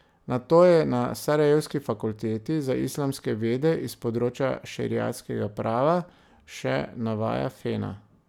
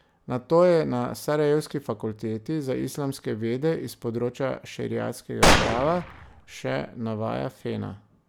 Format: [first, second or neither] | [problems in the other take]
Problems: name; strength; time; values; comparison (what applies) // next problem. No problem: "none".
first | background sound (Gunshot, gunfire); 4 dB above the speech